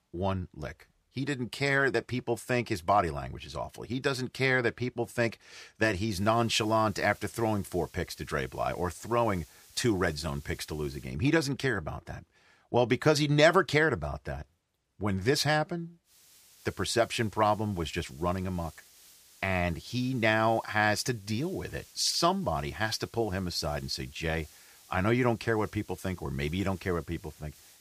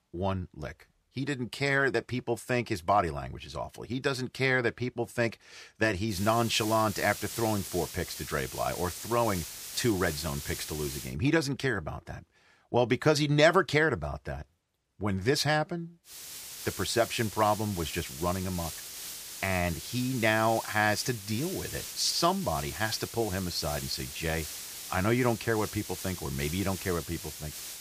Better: first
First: hiss; faint; from 6 to 11 s and from 16 s on; 25 dB below the speech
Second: hiss; loud; from 6 to 11 s and from 16 s on; 9 dB below the speech

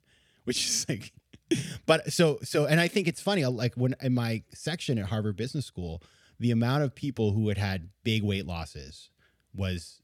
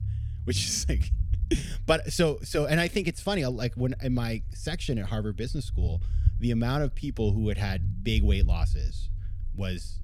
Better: first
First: none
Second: low rumble; noticeable; throughout; 20 dB below the speech

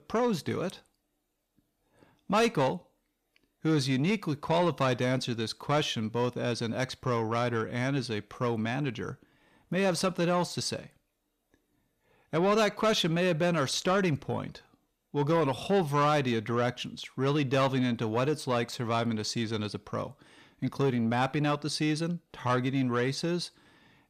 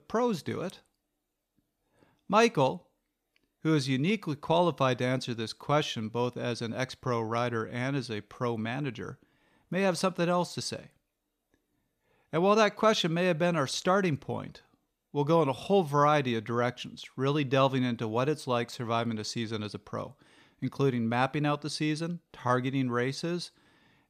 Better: second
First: distortion; slight; 10 dB below the speech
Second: none

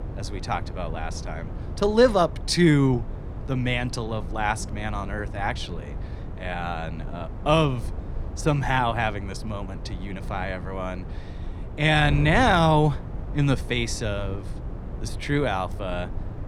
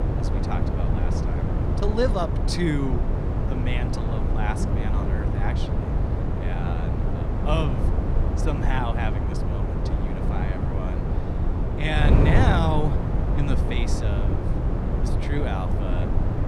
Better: first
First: wind noise on the microphone; occasional gusts; 20 dB below the speech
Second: wind noise on the microphone; heavy; 2 dB below the speech

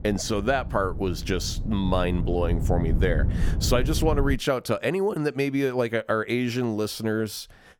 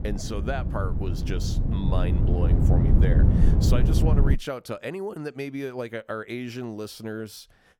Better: first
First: wind noise on the microphone; occasional gusts; until 4.5 s; 15 dB below the speech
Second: wind noise on the microphone; heavy; until 4.5 s; 1 dB below the speech

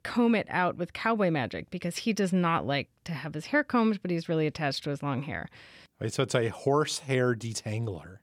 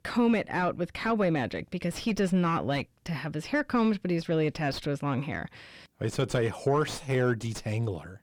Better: first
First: none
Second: distortion; slight; 10 dB below the speech

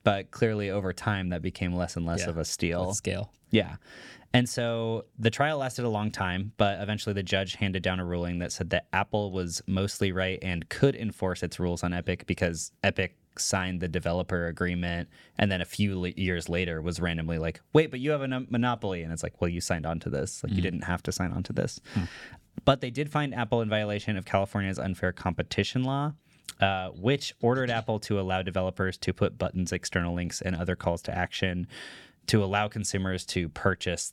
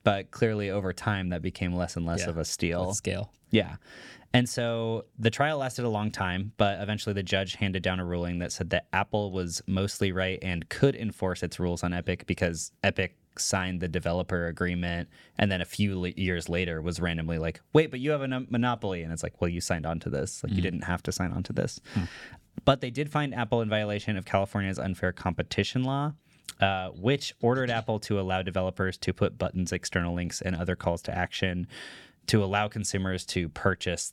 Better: neither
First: none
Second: none

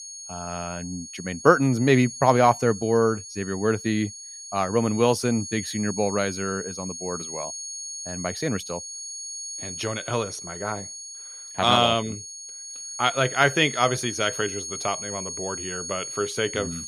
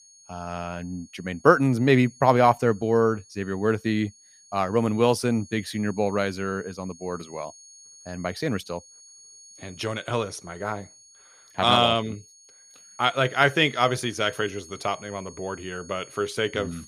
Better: second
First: high-pitched whine; loud; throughout; 6.5 kHz, 9 dB below the speech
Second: high-pitched whine; faint; throughout; 6.5 kHz, 25 dB below the speech

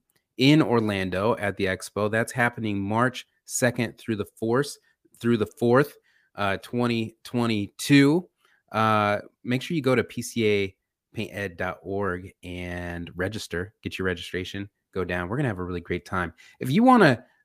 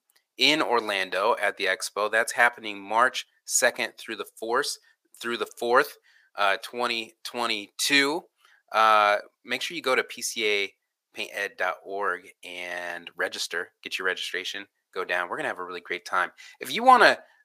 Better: first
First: none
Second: thin; very; fading below 750 Hz

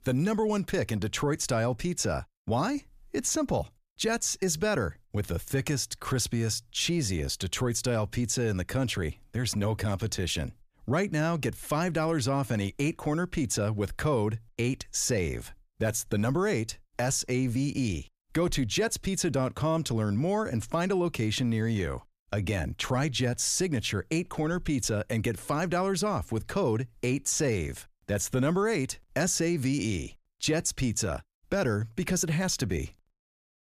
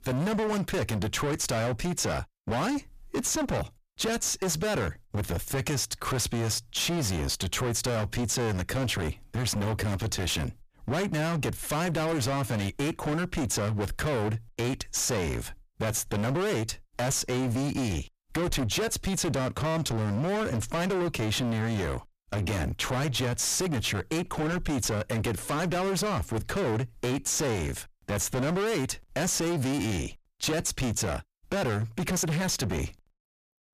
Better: first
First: none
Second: distortion; heavy; 36% of the sound clipped

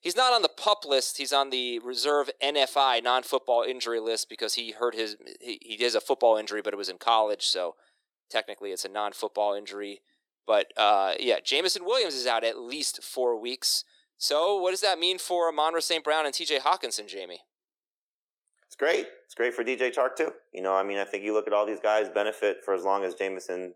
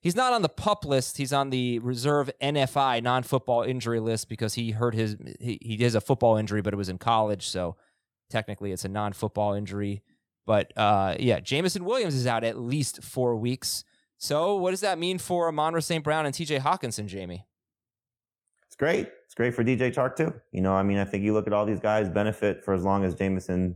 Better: second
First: thin; very; fading below 350 Hz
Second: none

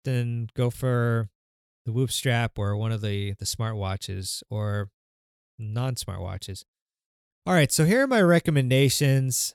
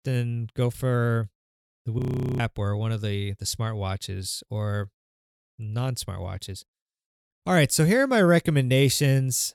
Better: first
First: none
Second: audio freezing; at 2 s

